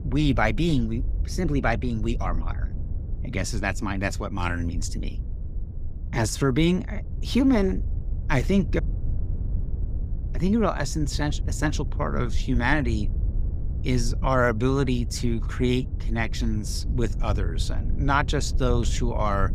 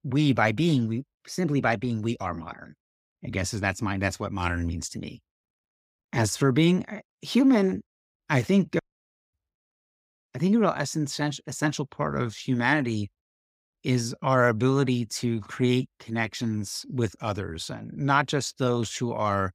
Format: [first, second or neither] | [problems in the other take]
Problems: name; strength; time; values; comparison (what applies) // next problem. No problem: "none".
second | wind noise on the microphone; occasional gusts; 20 dB below the speech